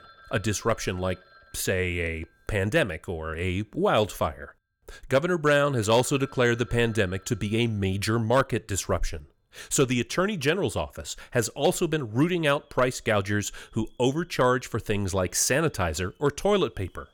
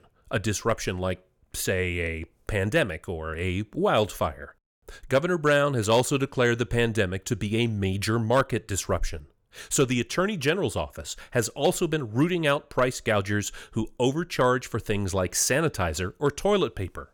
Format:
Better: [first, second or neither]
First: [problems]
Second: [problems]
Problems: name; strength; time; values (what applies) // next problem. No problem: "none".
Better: second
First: alarms or sirens; faint; throughout; 30 dB below the speech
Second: none